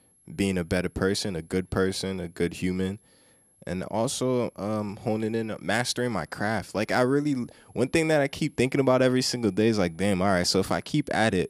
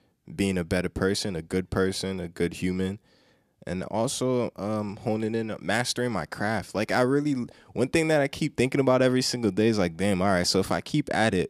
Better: second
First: high-pitched whine; faint; throughout; 11 kHz, 35 dB below the speech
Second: none

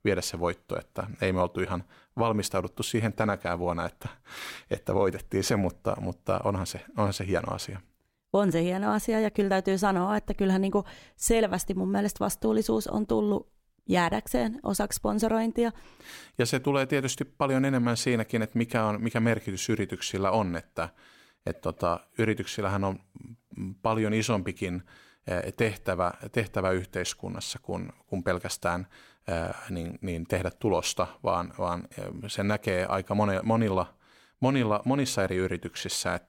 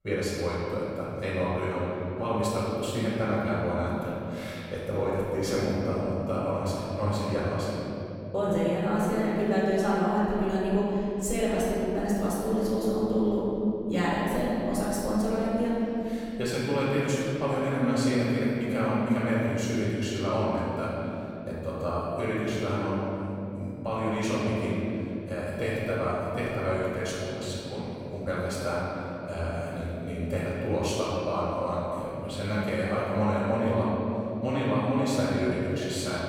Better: first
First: none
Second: room echo; strong; dies away in 3 s // off-mic speech; far

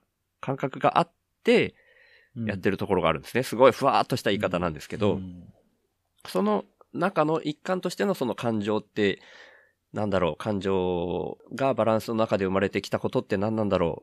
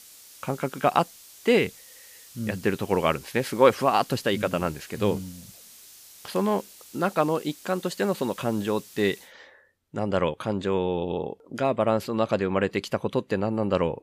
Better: first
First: none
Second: hiss; noticeable; until 9.5 s; 20 dB below the speech

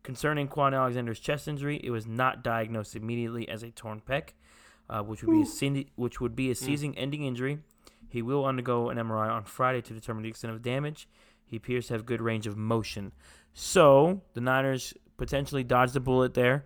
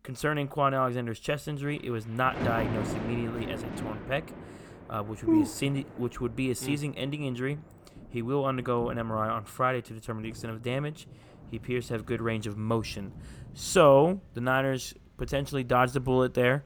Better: first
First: none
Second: rain or running water; noticeable; throughout; 15 dB below the speech

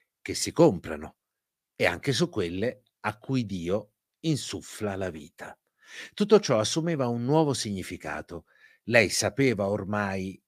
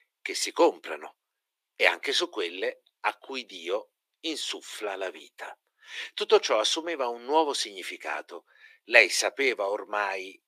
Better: first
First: none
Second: thin; very; fading below 350 Hz

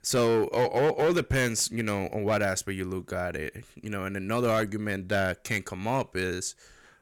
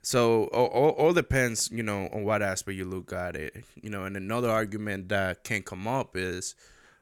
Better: second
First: distortion; slight; 6% of the sound clipped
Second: none

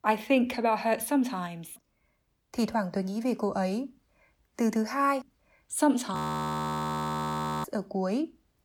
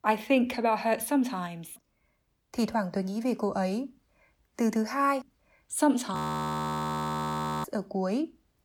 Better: neither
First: audio freezing; at 6 s for 1.5 s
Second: audio freezing; at 6 s for 1.5 s

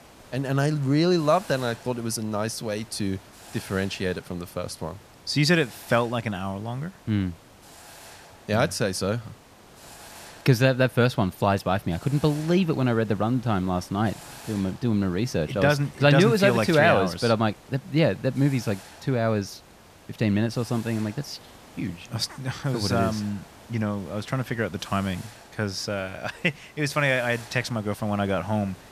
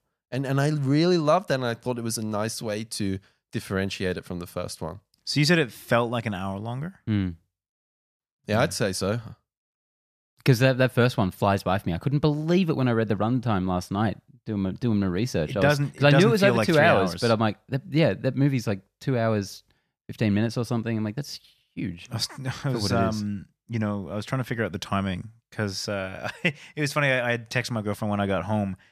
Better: second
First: hiss; faint; throughout; 20 dB below the speech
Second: none

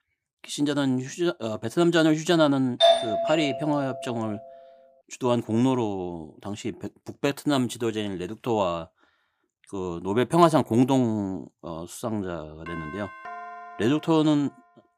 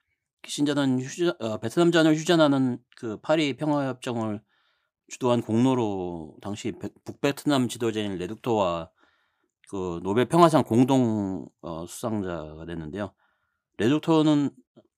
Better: second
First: doorbell; loud; at 3 s; peak 6 dB above the speech // doorbell; faint; from 13 s on; peak 15 dB below the speech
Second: none

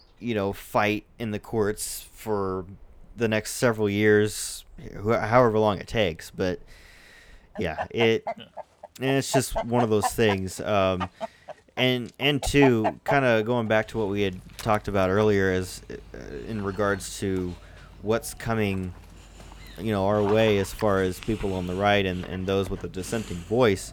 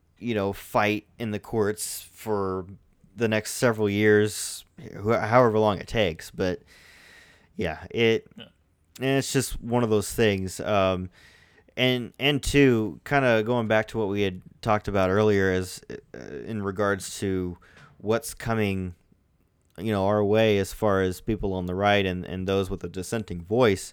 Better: second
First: animal sounds; noticeable; throughout; 10 dB below the speech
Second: none

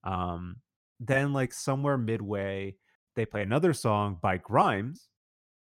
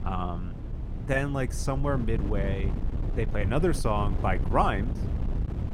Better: first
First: none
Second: wind noise on the microphone; occasional gusts; 15 dB below the speech

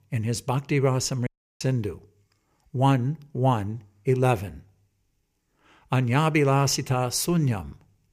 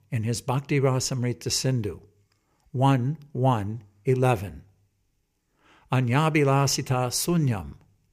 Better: second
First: audio cutting out; at 1.5 s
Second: none

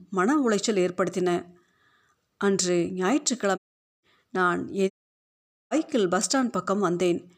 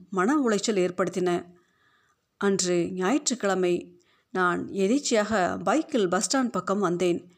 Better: second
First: audio cutting out; at 3.5 s and at 5 s for 1 s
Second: none

